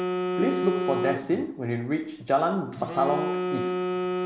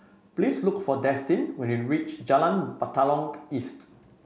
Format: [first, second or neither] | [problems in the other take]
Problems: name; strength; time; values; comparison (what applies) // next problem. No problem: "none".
second | background sound (Telephone); 2 dB below the speech